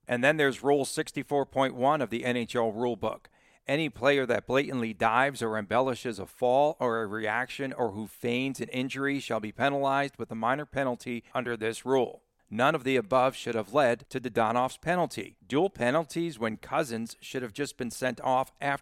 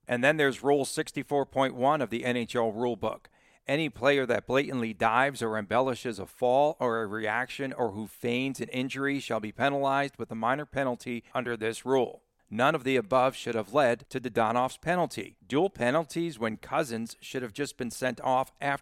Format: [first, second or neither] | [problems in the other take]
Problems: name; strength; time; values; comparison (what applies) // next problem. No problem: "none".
neither | none